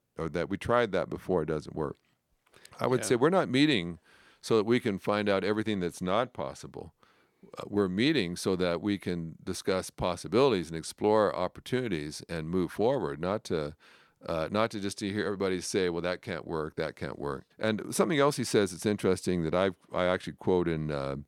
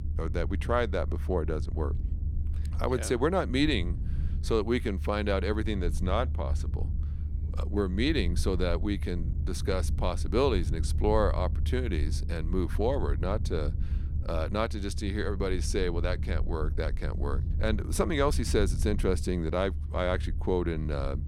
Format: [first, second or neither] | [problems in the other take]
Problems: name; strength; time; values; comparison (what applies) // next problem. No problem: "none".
first | low rumble; noticeable; throughout; 15 dB below the speech